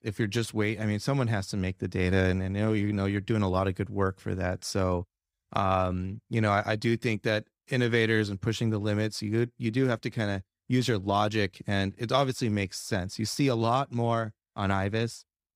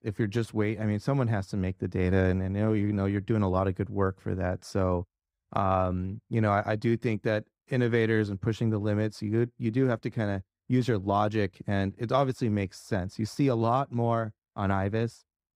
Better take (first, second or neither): first